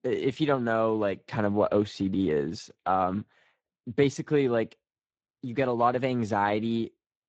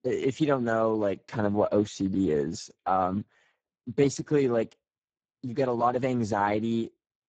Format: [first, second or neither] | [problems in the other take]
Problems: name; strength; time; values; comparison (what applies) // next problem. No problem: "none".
first | garbled, watery; badly; nothing above 7.5 kHz; slightly in the first